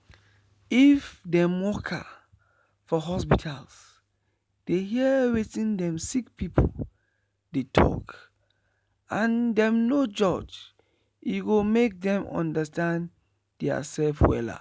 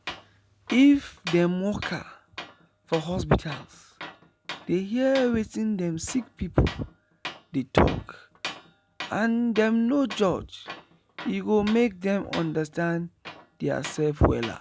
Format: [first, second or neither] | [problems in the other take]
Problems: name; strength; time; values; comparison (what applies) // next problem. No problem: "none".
first | background sound (Tools); 16 dB below the speech